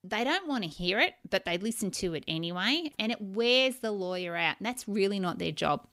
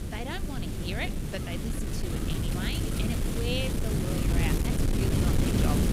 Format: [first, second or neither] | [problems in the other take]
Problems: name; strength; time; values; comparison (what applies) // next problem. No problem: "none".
first | wind noise on the microphone; heavy; 1 dB above the speech